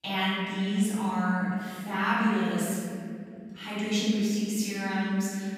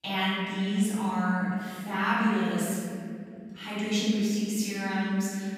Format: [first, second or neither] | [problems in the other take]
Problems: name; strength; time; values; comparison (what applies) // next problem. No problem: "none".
neither | off-mic speech; far; the same in both // room echo; strong; dies away in 2.7 s; the same in both